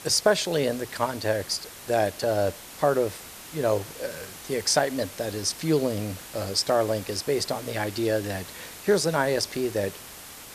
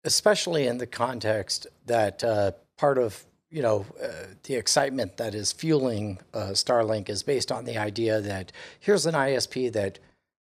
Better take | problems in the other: second | hiss; noticeable; throughout; 15 dB below the speech

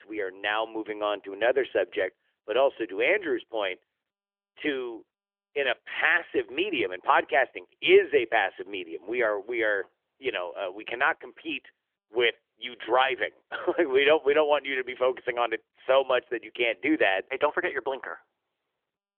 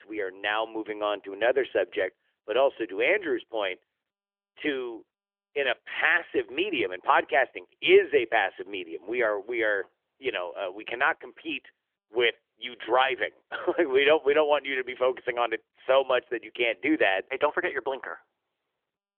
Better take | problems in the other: neither | phone-call audio; nothing above 3.5 kHz; the same in both

